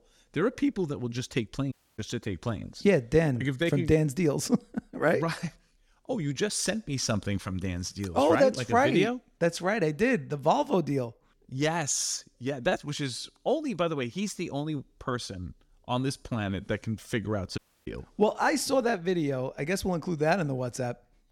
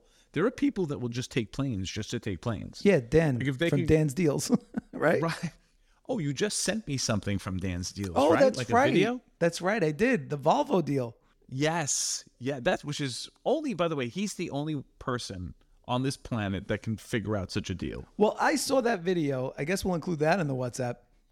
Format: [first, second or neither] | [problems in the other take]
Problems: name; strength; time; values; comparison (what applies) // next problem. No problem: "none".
second | audio cutting out; at 1.5 s and at 18 s